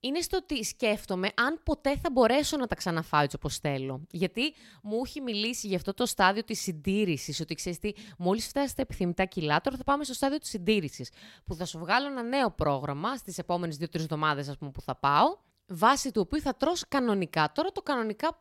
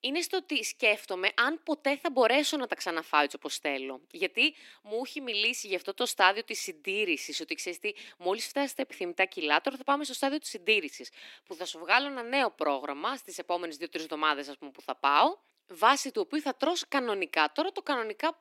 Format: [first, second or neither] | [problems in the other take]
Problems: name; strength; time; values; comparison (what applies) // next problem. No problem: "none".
first | thin; very slightly; fading below 300 Hz